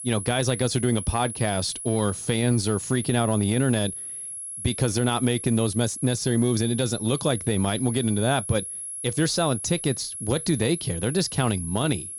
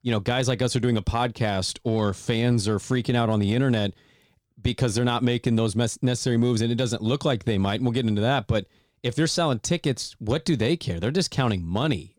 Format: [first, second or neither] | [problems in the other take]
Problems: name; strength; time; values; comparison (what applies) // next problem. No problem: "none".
second | high-pitched whine; loud; throughout; 11 kHz, 8 dB below the speech